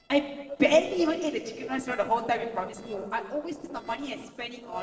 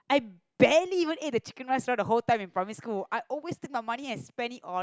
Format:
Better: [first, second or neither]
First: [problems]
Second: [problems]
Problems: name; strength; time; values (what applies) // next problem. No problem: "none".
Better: second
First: noise reduction (neural separator model SepFormer DNS4)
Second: none